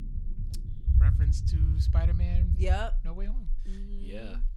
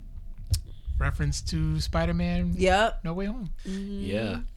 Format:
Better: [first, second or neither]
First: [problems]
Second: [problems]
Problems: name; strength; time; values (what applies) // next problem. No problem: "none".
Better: second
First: low rumble; loud; throughout; 4 dB below the speech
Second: low rumble; faint; throughout; 25 dB below the speech